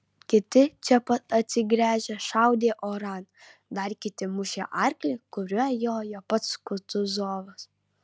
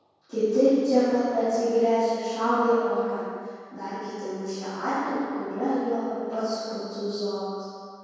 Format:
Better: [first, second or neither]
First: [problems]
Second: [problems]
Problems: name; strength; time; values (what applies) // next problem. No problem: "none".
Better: first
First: none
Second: room echo; dies away in 2.2 s